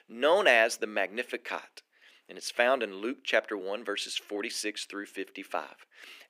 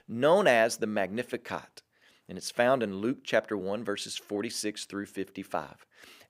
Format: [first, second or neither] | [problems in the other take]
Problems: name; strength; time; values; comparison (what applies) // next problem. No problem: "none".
second | thin; very slightly; fading below 300 Hz